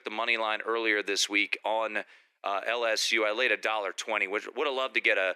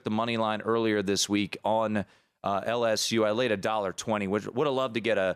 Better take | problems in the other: second | thin; very; fading below 300 Hz

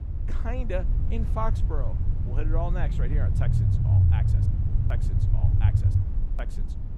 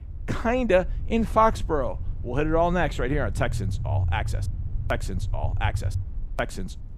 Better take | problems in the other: second | low rumble; loud; throughout; 3 dB below the speech; faint in the second

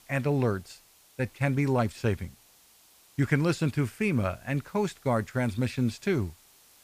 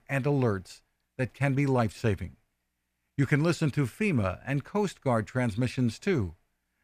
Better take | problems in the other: second | hiss; faint; throughout; 25 dB below the speech

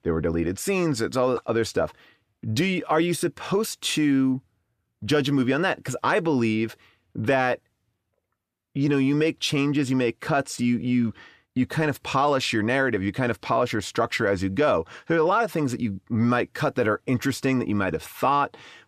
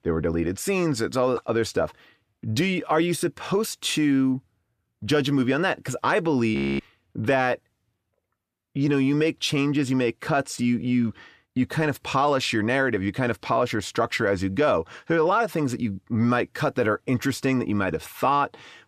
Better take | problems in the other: first | audio freezing; at 6.5 s

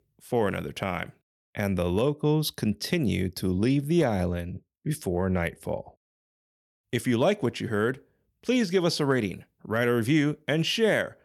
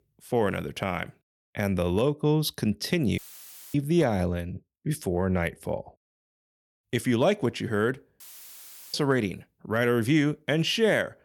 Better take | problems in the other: first | audio cutting out; filled with static; at 3 s for 0.5 s and at 8 s for 0.5 s

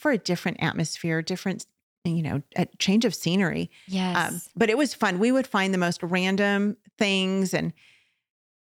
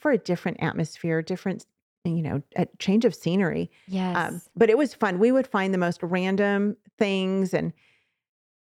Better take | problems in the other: first | muffled; slightly; fading above 2.5 kHz

